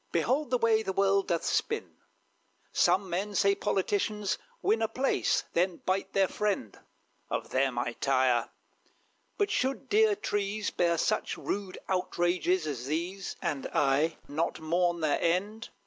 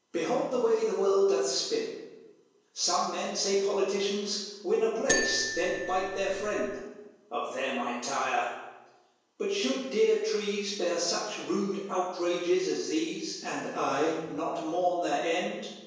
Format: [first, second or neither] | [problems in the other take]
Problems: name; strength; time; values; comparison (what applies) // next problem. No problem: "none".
first | background sound (Marimba, xylophone); 4 dB below the speech // room echo; dies away in 1 s